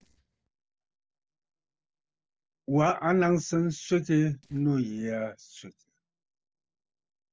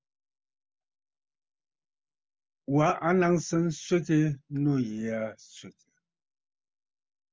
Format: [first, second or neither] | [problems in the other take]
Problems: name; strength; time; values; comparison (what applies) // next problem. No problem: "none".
second | noise reduction (neural separator model SepFormer DNS4)